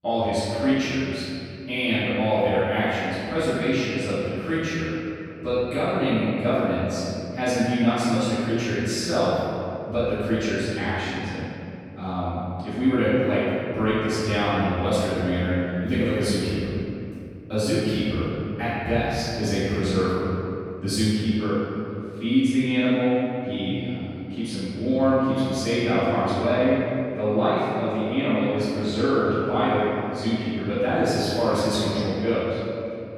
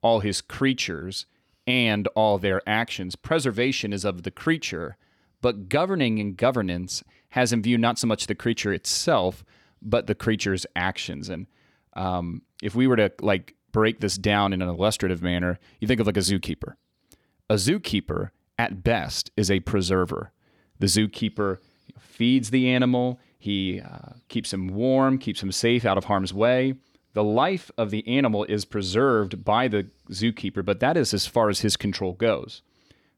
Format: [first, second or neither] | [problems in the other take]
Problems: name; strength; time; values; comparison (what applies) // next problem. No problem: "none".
second | off-mic speech; far // room echo; strong; dies away in 2.6 s